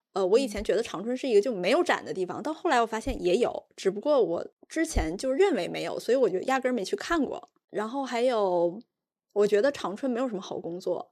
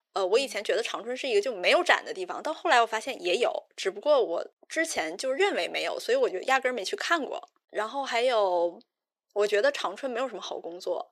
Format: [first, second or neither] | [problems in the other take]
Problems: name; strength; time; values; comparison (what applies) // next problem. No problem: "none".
first | thin; somewhat; fading below 500 Hz